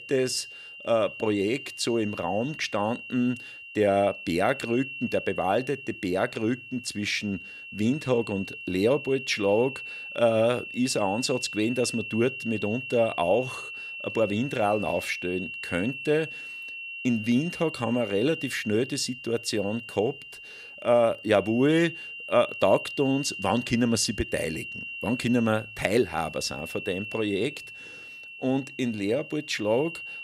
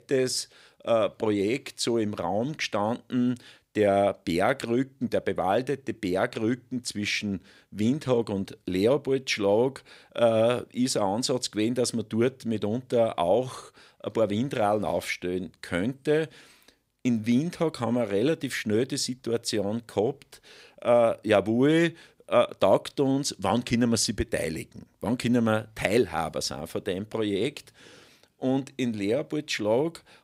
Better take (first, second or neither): second